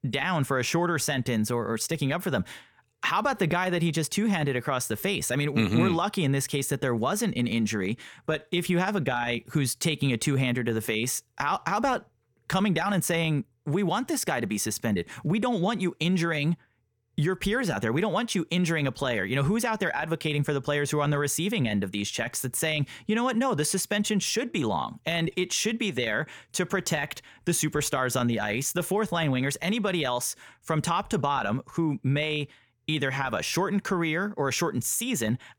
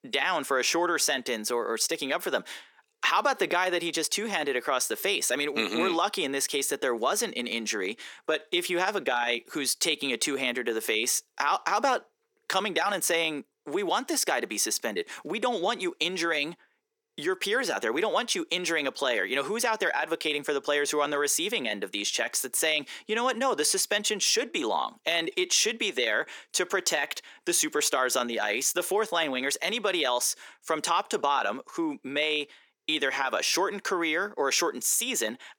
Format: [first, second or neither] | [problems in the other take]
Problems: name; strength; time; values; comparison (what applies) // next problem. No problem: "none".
first | thin; somewhat; fading below 300 Hz